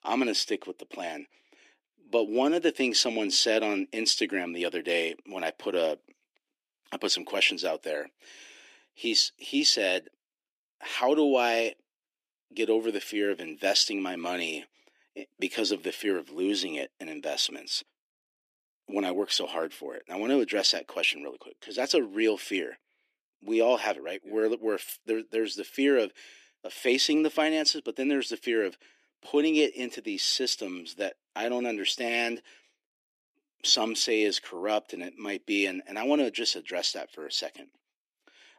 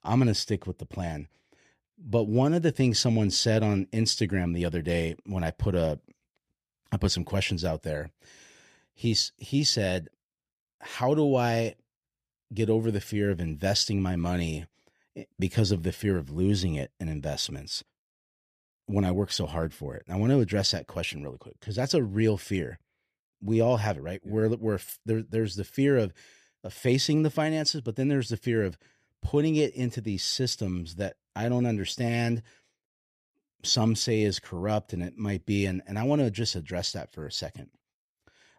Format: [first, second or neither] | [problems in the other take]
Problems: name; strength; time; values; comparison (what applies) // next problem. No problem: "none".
second | thin; somewhat; fading below 300 Hz